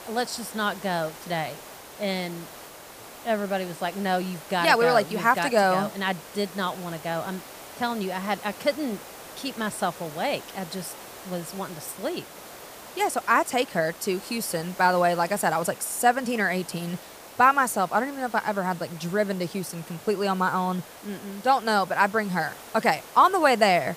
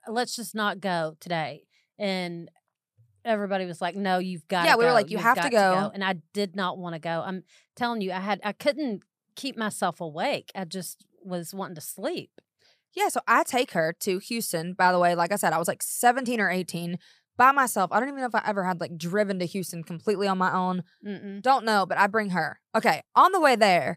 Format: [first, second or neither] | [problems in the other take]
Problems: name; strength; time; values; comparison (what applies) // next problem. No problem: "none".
second | hiss; noticeable; throughout; 15 dB below the speech